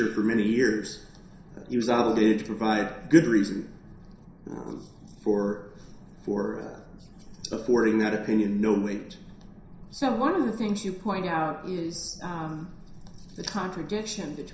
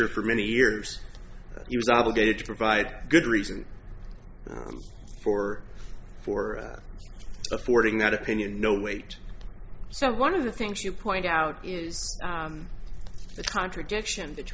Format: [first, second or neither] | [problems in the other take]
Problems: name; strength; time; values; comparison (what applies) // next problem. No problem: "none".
second | room echo; dies away in 0.7 s